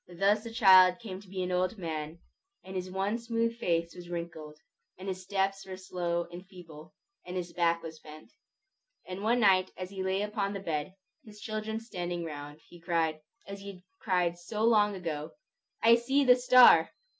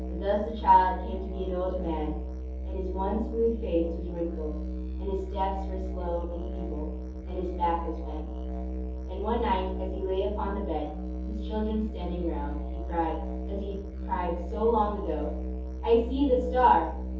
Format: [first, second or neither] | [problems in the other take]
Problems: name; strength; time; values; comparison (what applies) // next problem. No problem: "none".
first | background sound (Musical instrument); 3 dB below the speech // room echo; dies away in 0.6 s